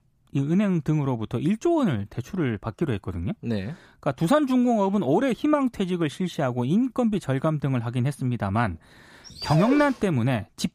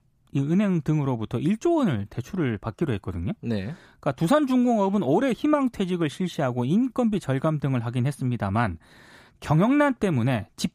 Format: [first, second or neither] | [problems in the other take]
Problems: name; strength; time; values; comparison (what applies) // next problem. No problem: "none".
second | dog barking; noticeable; at 9.5 s; peak 5 dB below the speech